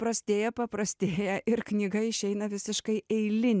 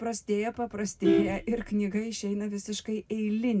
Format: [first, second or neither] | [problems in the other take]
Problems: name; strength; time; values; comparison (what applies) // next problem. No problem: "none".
first | background sound (Vehicle horn, car horn, honking); 4 dB below the speech // room echo; dies away in 0.2 s